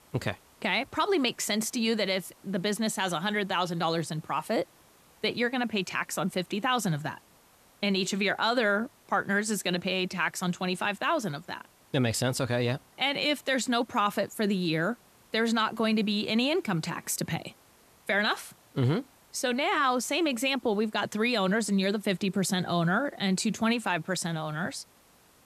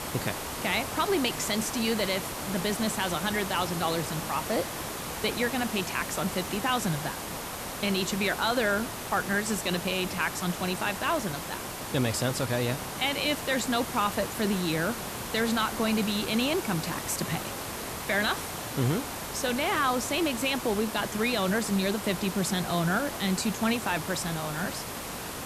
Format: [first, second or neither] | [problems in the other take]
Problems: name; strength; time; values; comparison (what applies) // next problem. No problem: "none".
first | hiss; loud; throughout; 6 dB below the speech; faint in the first